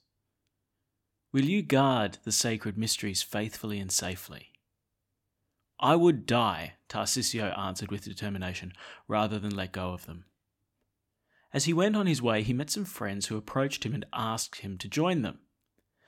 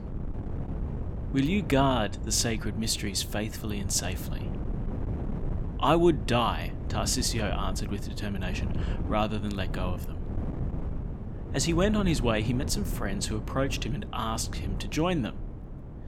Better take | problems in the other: first | wind noise on the microphone; occasional gusts; 15 dB below the speech

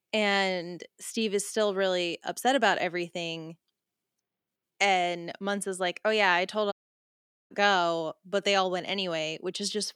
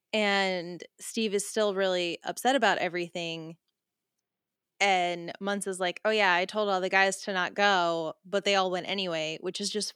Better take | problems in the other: second | audio cutting out; at 6.5 s for 1 s

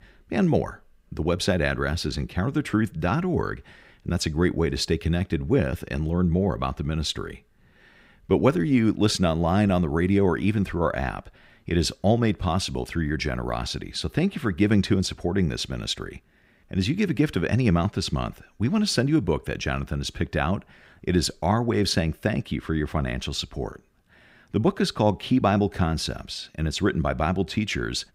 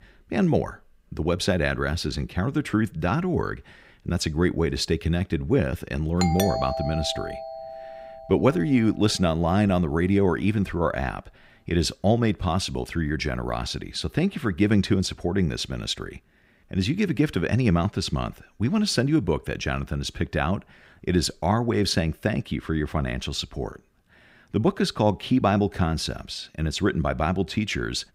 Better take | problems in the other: first | doorbell; noticeable; from 6 to 8 s; peak 2 dB below the speech

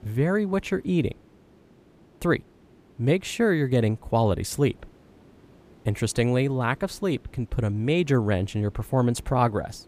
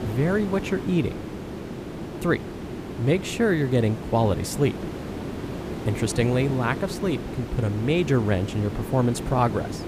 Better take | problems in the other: first | hiss; loud; throughout; 8 dB below the speech; faint in the first

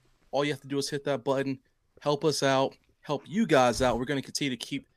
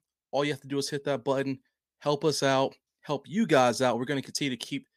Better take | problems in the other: second | hiss; faint; throughout; 20 dB below the speech

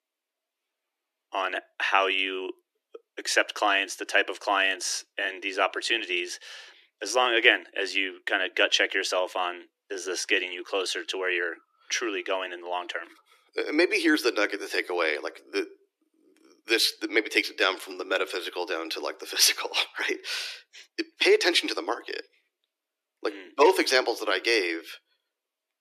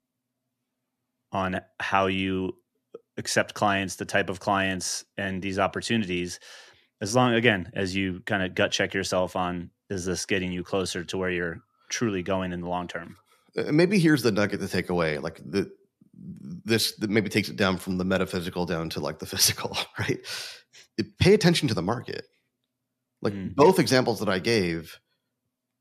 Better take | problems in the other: second | thin; very; fading below 300 Hz

